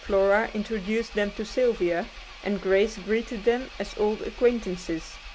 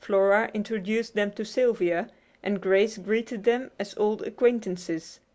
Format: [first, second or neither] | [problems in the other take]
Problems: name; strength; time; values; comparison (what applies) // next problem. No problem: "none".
second | background sound (Engine); 16 dB below the speech